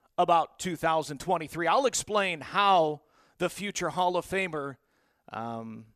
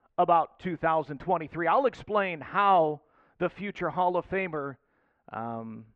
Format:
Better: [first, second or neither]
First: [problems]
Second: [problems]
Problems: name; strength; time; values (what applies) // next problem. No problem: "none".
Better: first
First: none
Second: muffled; very; fading above 2 kHz